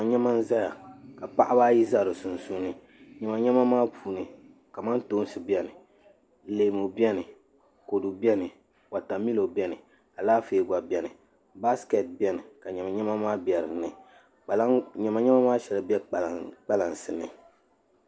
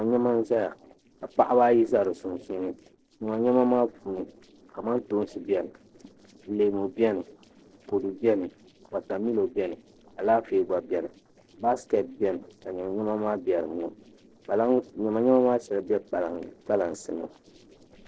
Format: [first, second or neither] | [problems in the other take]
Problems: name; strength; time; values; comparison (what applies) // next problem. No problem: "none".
first | noise reduction (neural separator model SepFormer DNS4)